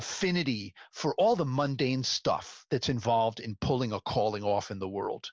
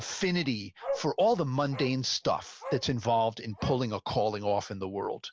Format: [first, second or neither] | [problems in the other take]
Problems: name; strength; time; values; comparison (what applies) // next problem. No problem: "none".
first | background sound (Bark); 14 dB below the speech